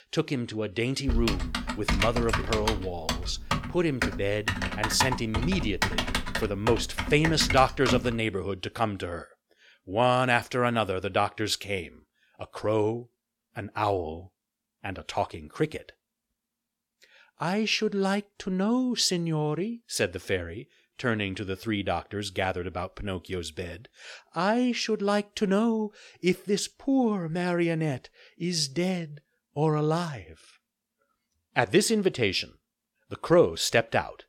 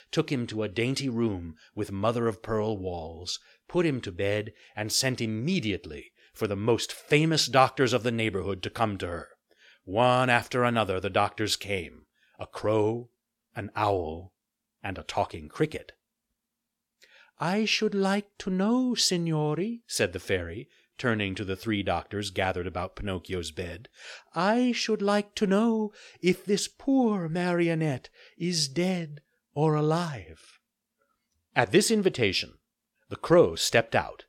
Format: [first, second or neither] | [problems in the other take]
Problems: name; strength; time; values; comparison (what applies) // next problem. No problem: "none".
second | keyboard typing; loud; from 1 to 8 s; peak 1 dB above the speech